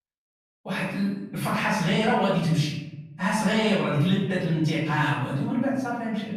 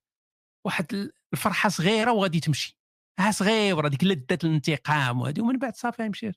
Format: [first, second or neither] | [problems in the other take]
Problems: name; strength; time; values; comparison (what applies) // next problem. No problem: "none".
second | off-mic speech; far // room echo; noticeable; dies away in 0.9 s